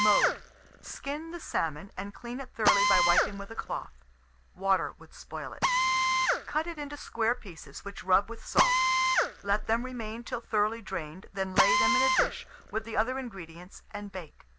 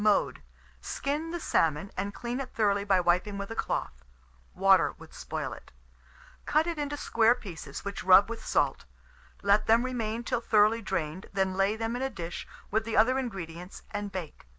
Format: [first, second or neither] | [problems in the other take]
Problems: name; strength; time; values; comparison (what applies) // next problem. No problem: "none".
second | background sound (Drill); 1 dB above the speech